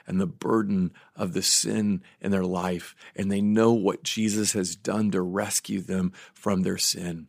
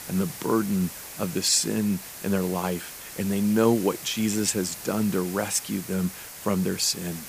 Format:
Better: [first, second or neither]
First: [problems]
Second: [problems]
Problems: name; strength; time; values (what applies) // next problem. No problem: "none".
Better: first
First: none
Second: hiss; noticeable; throughout; 10 dB below the speech